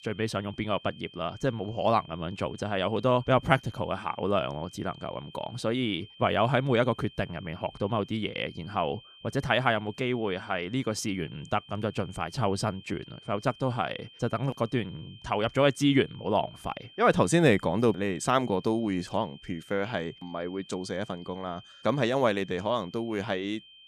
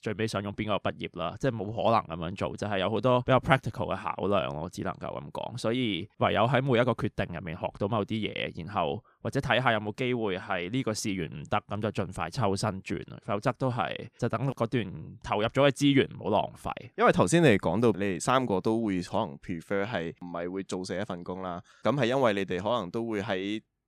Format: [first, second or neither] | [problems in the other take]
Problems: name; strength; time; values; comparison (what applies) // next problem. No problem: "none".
second | high-pitched whine; faint; throughout; 3 kHz, 20 dB below the speech